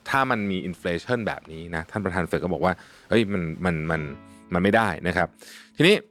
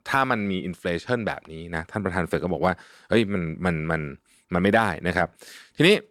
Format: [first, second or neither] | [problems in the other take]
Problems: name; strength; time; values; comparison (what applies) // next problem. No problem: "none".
second | background music; faint; throughout; 25 dB below the speech